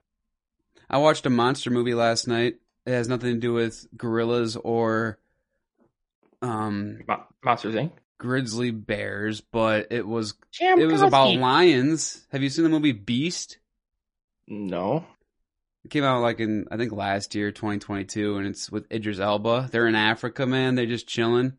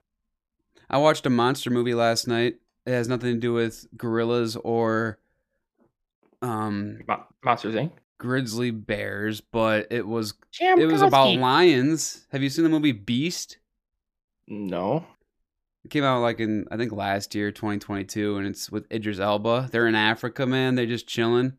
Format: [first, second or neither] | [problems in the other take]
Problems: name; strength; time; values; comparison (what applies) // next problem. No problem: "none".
second | garbled, watery; slightly; nothing above 10.5 kHz